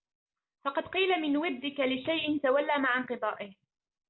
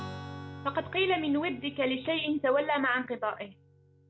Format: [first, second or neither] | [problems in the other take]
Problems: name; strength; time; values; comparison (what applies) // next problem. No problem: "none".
first | background sound (Strum); 15 dB below the speech